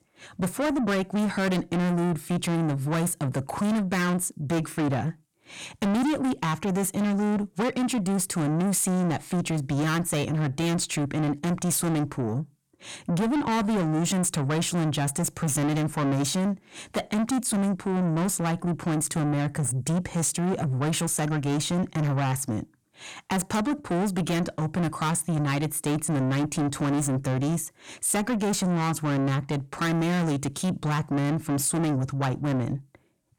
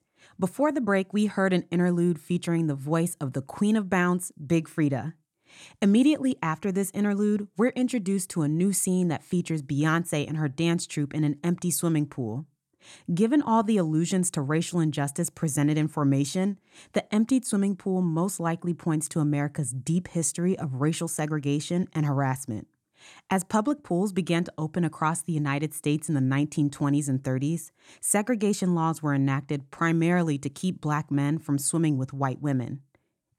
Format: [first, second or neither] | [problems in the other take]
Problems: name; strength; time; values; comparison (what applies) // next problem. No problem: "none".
second | distortion; heavy; 7 dB below the speech